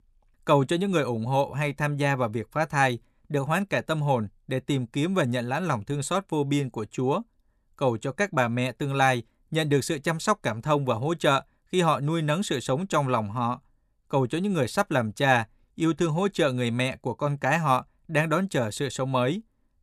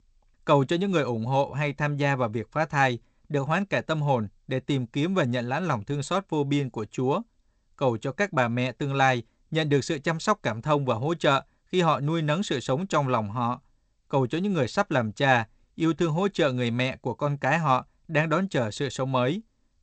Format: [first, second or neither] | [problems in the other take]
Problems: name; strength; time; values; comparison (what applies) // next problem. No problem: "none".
first | garbled, watery; slightly; nothing above 8 kHz